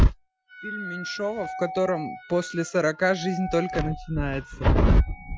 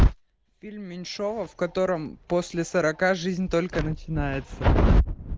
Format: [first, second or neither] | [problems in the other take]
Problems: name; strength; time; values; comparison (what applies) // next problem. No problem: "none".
second | noise reduction (classical method Wiener filter)